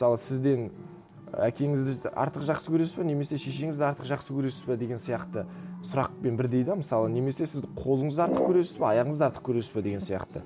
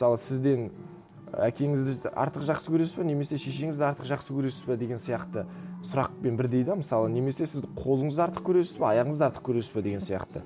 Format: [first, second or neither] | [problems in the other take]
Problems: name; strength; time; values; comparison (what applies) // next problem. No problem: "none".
second | background sound (Brass instrument); 4 dB below the speech